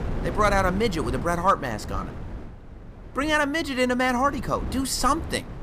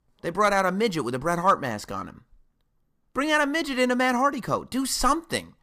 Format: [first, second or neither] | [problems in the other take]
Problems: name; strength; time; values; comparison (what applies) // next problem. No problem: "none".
second | wind noise on the microphone; occasional gusts; 20 dB below the speech